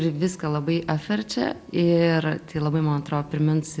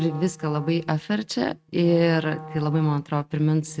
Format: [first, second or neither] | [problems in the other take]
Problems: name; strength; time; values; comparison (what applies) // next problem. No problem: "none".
first | noise reduction (neural mask model RNNoise)